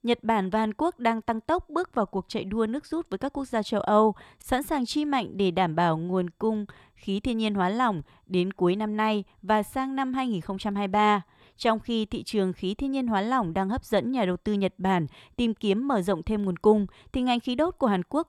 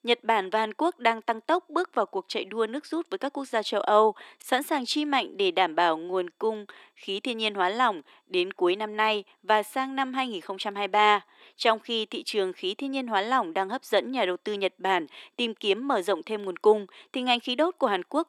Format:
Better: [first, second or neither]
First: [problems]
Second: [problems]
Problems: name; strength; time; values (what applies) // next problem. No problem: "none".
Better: first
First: none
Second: thin; somewhat; fading below 300 Hz